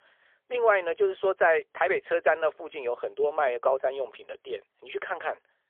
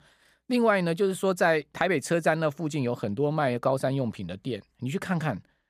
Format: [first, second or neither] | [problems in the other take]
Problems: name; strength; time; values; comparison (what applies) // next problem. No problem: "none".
second | phone-call audio; poor line; nothing above 3.5 kHz